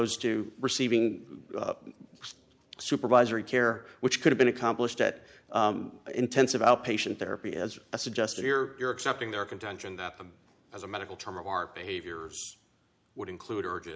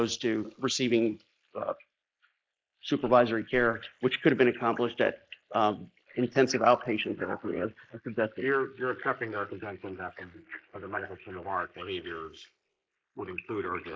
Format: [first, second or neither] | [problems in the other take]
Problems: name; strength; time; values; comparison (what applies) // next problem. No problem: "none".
first | noise reduction (neural mask model Resemble Enhance denoiser)